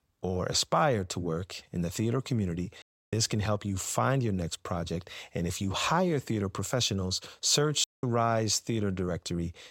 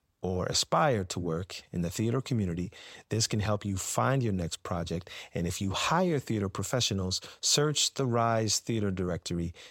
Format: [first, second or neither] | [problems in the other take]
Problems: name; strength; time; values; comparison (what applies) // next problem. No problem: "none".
second | audio cutting out; at 3 s and at 8 s